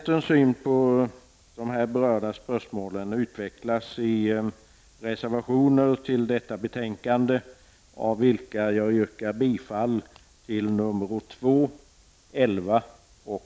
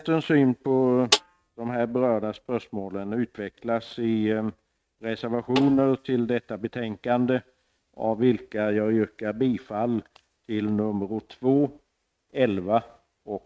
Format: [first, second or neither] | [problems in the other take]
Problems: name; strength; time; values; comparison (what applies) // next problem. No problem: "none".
first | noise reduction (neural mask model RNNoise)